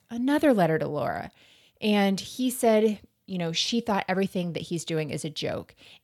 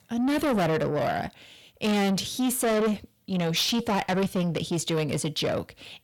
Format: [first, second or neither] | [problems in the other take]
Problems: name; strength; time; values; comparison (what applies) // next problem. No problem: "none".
first | distortion; heavy; 6 dB below the speech